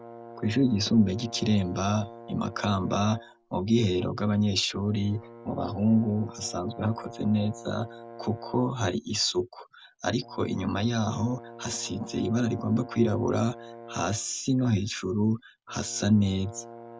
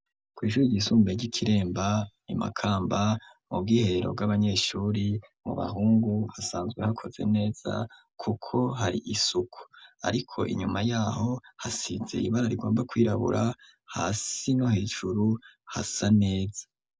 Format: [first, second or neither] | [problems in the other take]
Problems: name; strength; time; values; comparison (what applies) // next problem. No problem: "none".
second | background sound (Brass instrument); 18 dB below the speech